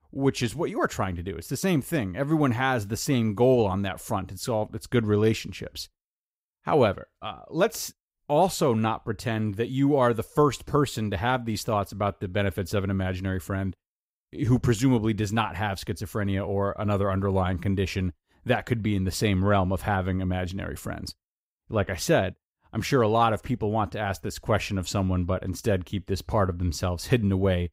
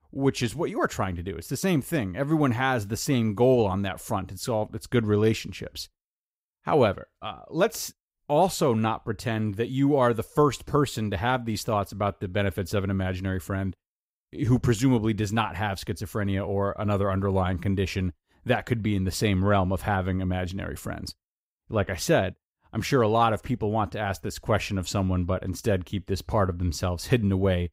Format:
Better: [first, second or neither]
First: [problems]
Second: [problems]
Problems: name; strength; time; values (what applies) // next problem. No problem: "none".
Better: neither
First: none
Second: none